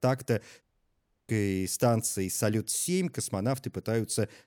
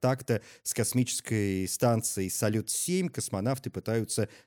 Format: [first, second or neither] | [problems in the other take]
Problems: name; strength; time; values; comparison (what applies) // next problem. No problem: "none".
second | audio cutting out; at 0.5 s for 0.5 s